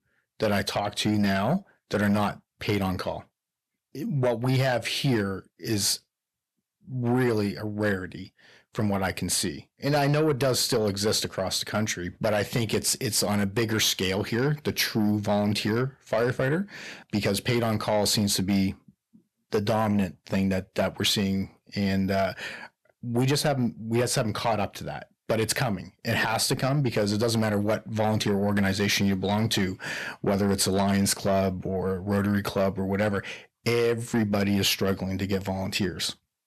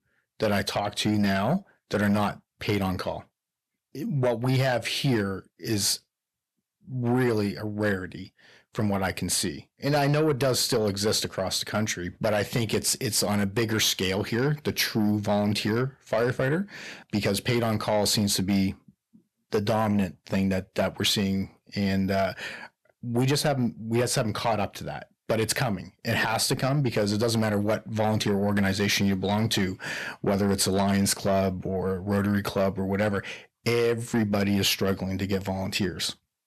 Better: neither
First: distortion; slight; 10 dB below the speech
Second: distortion; slight; 10 dB below the speech

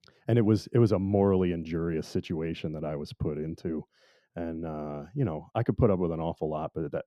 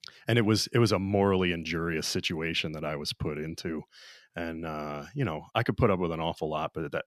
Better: second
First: muffled; slightly; fading above 1 kHz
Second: none

